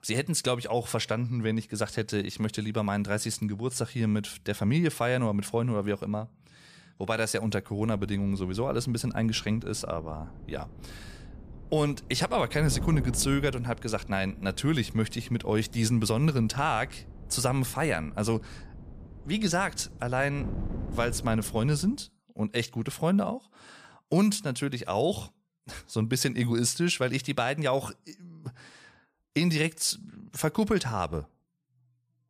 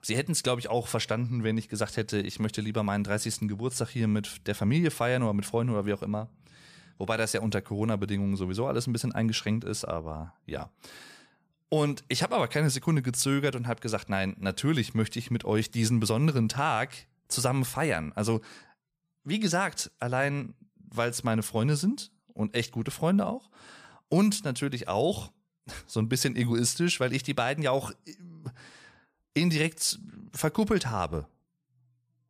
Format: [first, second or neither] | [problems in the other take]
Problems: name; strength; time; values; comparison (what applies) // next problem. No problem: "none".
second | wind noise on the microphone; occasional gusts; from 8 to 22 s; 20 dB below the speech